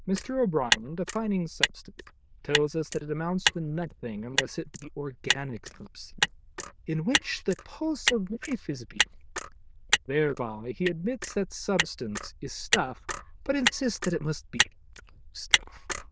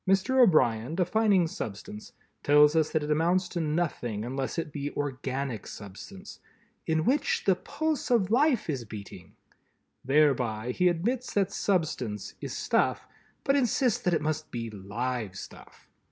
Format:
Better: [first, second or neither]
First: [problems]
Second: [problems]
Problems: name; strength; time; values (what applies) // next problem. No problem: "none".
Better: second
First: noise reduction (neural diffusion model UNIVERSE++)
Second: none